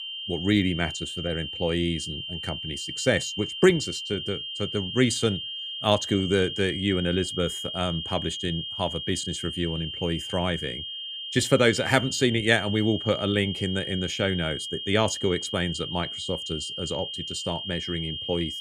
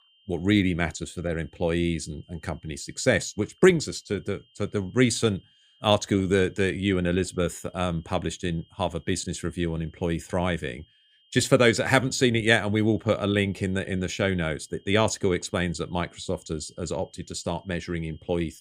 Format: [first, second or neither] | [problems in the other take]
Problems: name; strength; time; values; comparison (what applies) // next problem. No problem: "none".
second | high-pitched whine; loud; throughout; 3 kHz, 5 dB below the speech; faint in the second